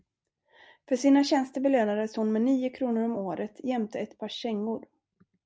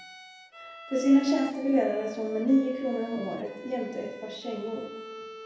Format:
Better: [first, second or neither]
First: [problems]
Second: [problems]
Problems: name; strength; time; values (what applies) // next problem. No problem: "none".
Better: first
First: none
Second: background sound (Bowed string instrument); 15 dB below the speech // room echo; dies away in 0.9 s